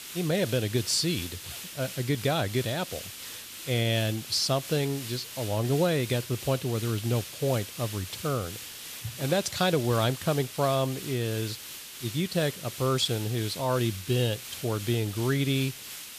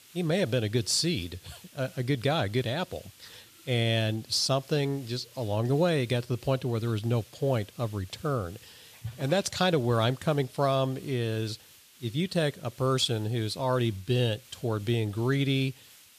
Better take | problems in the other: second | hiss; loud; throughout; 10 dB below the speech; faint in the second

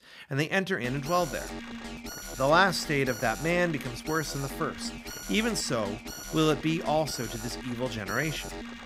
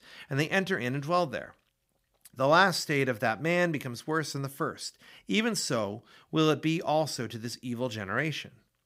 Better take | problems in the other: second | alarm; noticeable; from 1 s on; peak 9 dB below the speech

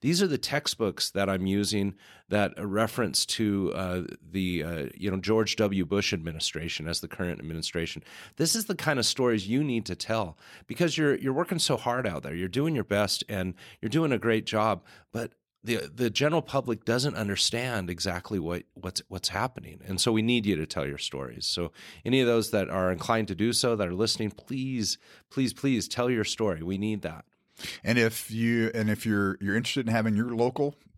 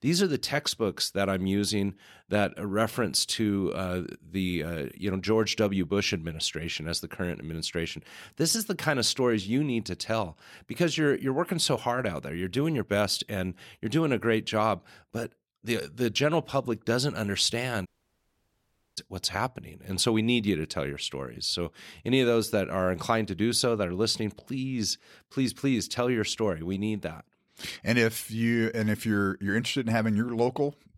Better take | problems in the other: first | audio cutting out; at 18 s for 1 s

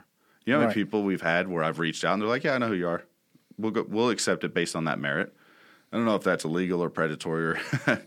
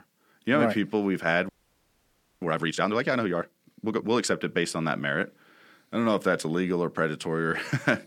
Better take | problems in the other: first | audio freezing; at 1.5 s for 1 s

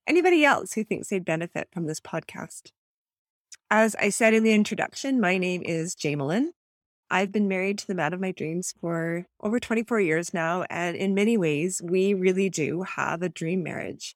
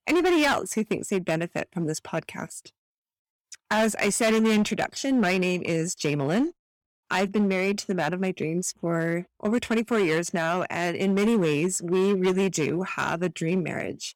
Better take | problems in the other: first | distortion; slight; 10% of the sound clipped

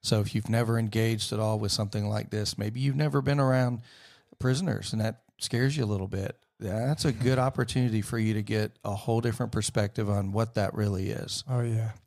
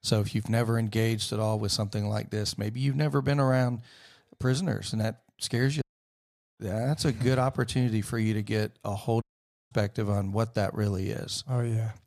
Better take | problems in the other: first | audio cutting out; at 6 s for 1 s and at 9 s

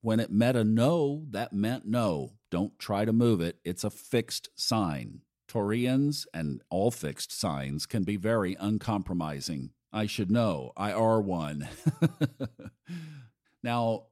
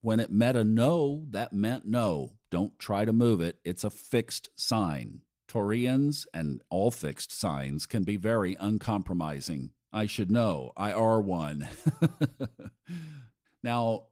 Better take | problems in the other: first | garbled, watery; slightly; nothing above 16 kHz

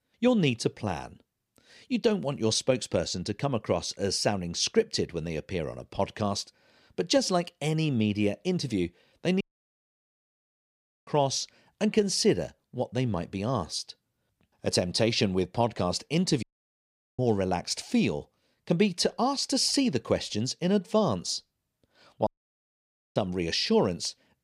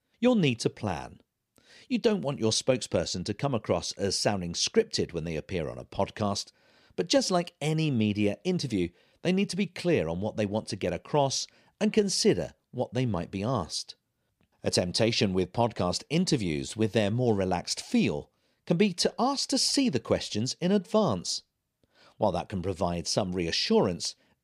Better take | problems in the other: second | audio cutting out; at 9.5 s for 1.5 s, at 16 s for 1 s and at 22 s for 1 s

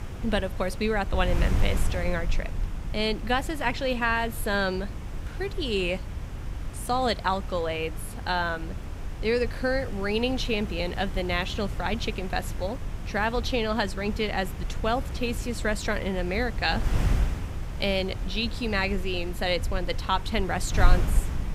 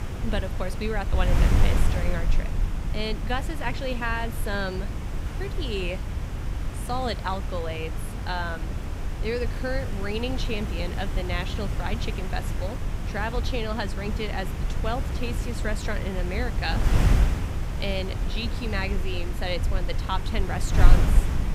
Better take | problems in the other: first | wind noise on the microphone; heavy; 6 dB below the speech; occasional gusts in the first

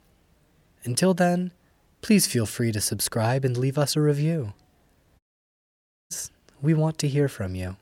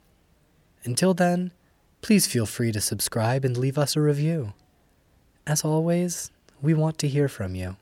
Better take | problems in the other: second | audio cutting out; at 5 s for 1 s

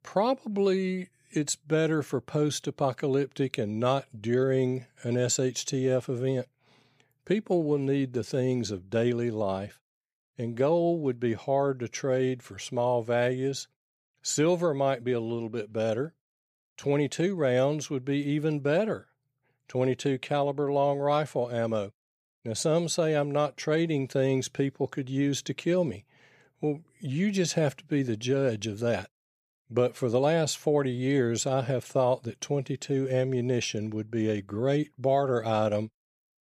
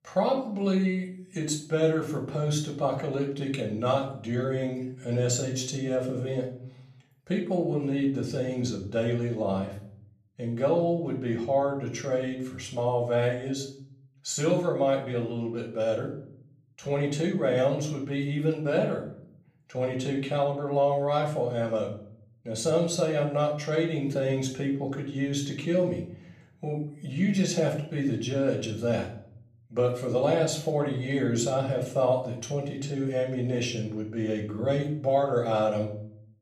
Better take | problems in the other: first | room echo; slight; dies away in 0.5 s // off-mic speech; far

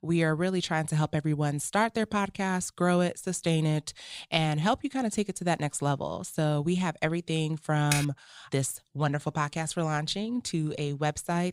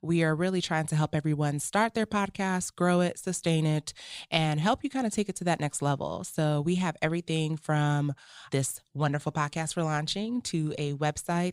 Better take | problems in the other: second | keyboard typing; noticeable; at 8 s; peak 2 dB below the speech

